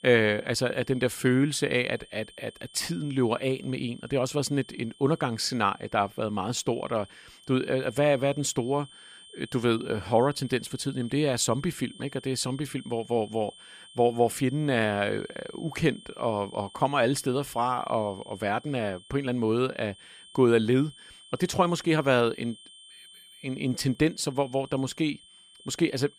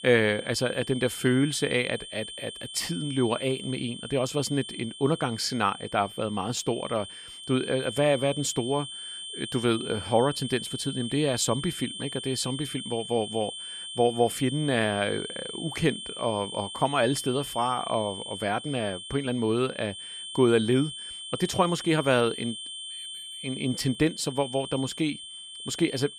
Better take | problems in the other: first | high-pitched whine; loud; throughout; 3 kHz, 9 dB below the speech; faint in the first

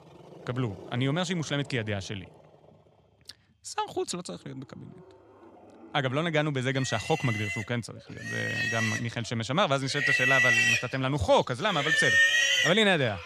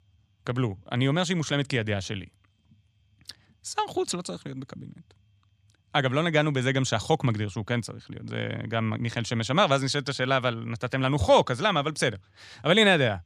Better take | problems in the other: second | animal sounds; very loud; throughout; 4 dB above the speech

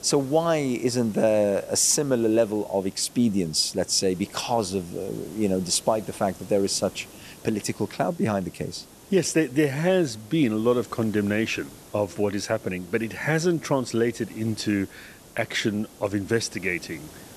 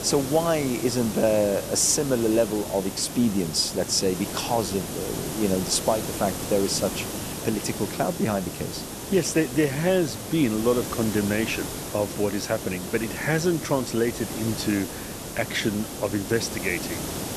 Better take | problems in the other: first | hiss; loud; throughout; 7 dB below the speech; faint in the first

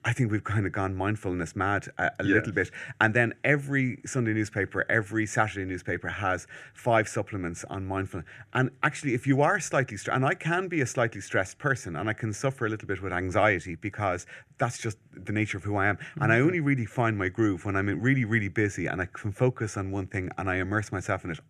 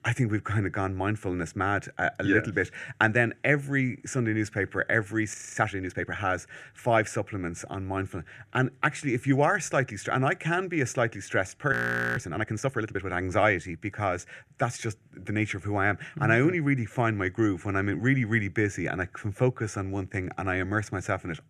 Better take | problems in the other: first | audio freezing; at 5.5 s and at 12 s

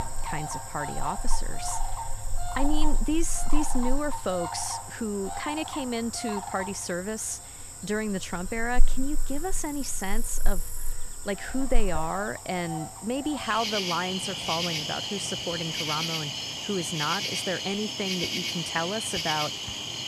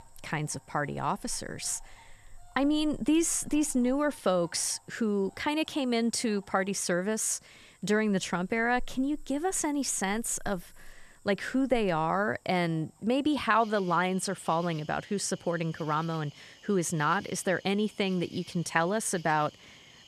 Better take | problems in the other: second | animal sounds; loud; throughout; 1 dB below the speech; faint in the second

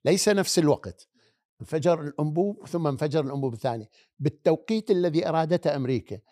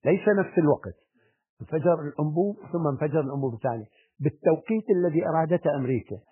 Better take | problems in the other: first | garbled, watery; badly; nothing above 3 kHz

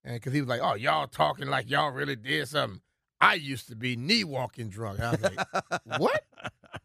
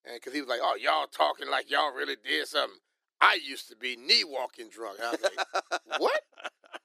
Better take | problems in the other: first | thin; somewhat; fading below 350 Hz

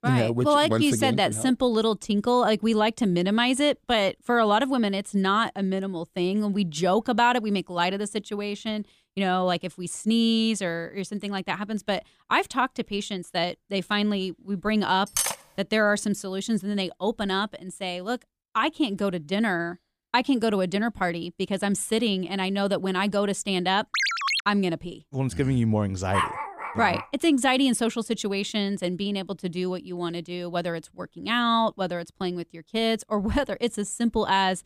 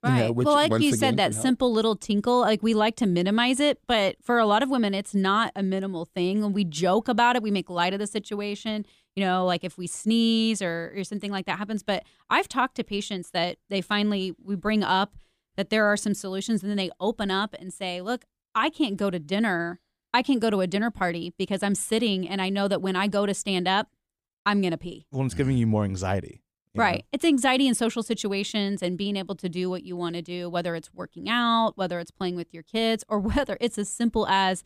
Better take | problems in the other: second | clattering dishes; noticeable; at 15 s; peak level with the speech // phone ringing; loud; at 24 s; peak 2 dB above the speech // dog barking; noticeable; at 26 s; peak 2 dB below the speech

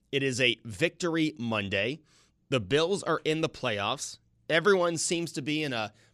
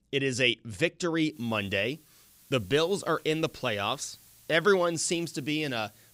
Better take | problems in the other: first | hiss; faint; from 1.5 s on; 25 dB below the speech

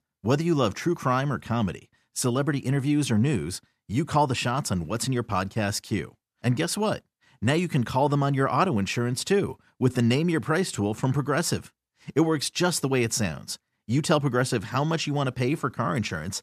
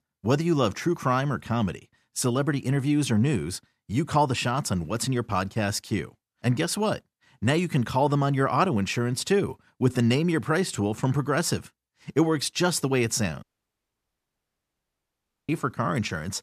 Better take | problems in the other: first | audio cutting out; at 13 s for 2 s

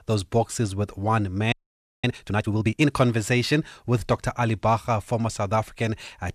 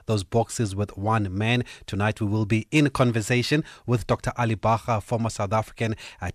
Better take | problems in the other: second | audio freezing; at 1.5 s for 0.5 s

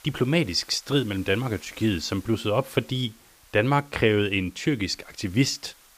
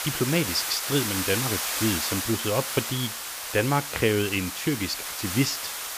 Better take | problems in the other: first | hiss; loud; throughout; 2 dB below the speech; faint in the first

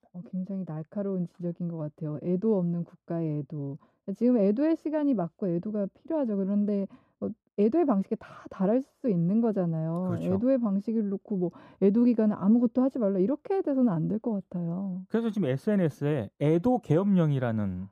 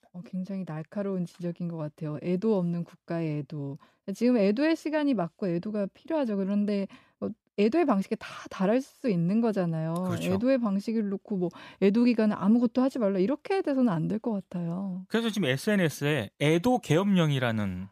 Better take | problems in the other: second | muffled; slightly; fading above 1 kHz

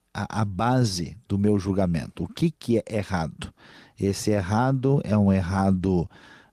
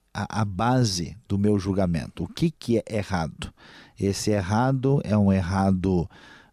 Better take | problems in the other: second | garbled, watery; slightly; nothing above 14.5 kHz

